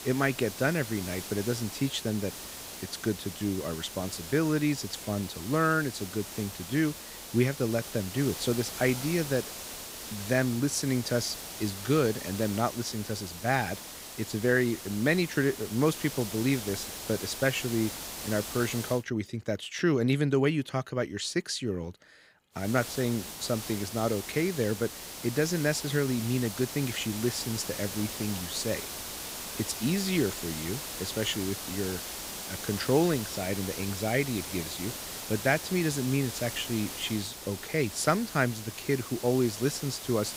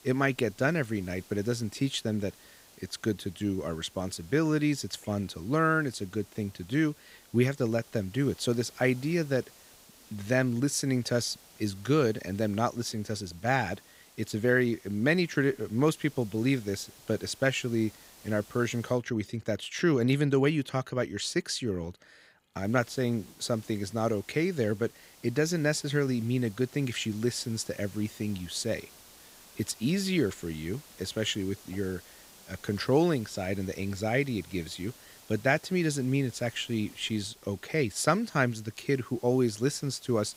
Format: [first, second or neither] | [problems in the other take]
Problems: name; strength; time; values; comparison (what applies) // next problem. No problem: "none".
second | hiss; loud; until 19 s and from 23 s on; 8 dB below the speech; faint in the second